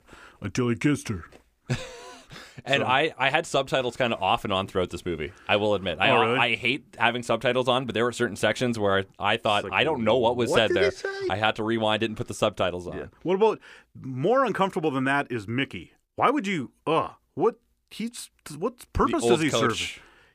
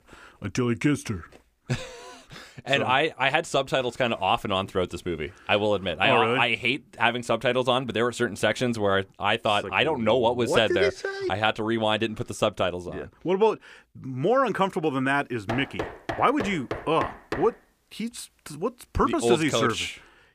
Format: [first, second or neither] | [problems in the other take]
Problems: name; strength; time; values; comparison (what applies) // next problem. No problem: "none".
first | door banging; noticeable; from 15 to 17 s; peak 8 dB below the speech